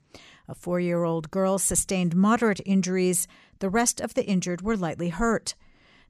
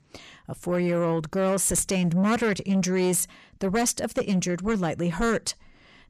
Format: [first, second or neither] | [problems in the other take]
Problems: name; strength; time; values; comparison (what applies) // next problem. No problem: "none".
first | distortion; slight; 10 dB below the speech